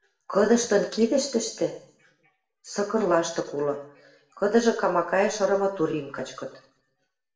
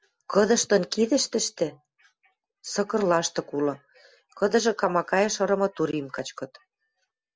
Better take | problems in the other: second | room echo; dies away in 0.6 s

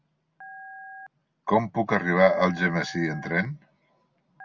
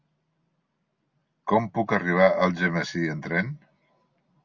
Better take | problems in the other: second | background sound (Telephone); 18 dB below the speech

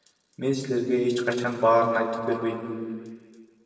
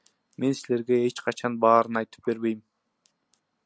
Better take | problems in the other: second | room echo; dies away in 2.3 s

